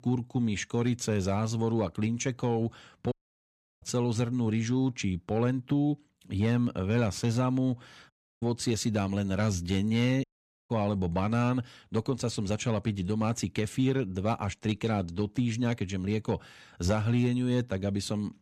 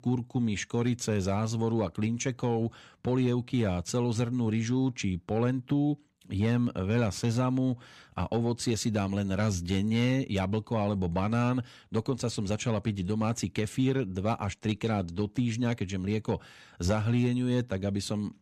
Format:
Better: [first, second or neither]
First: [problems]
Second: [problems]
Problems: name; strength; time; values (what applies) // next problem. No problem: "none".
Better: second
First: audio cutting out; at 3 s for 0.5 s, at 8 s and at 10 s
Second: none